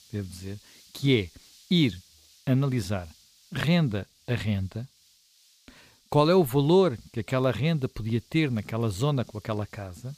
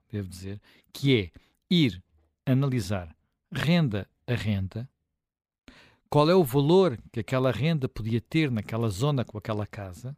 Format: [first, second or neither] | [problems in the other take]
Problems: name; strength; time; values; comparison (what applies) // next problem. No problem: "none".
second | hiss; faint; throughout; 30 dB below the speech